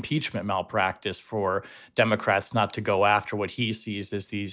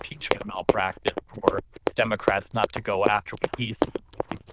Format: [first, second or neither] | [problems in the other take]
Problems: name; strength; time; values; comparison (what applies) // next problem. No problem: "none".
first | noise reduction (neural diffusion model UNIVERSE++)